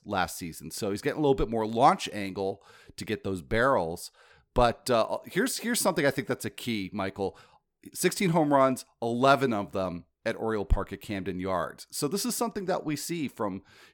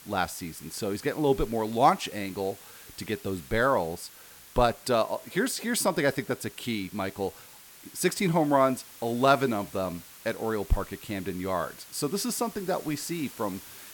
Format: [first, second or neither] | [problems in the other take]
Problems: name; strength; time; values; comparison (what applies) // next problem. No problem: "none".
first | hiss; noticeable; throughout; 20 dB below the speech